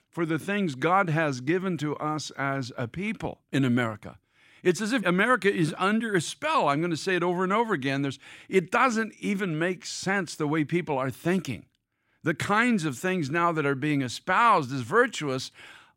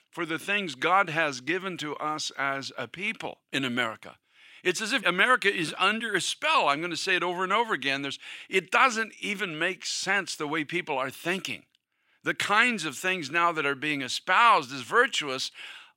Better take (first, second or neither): first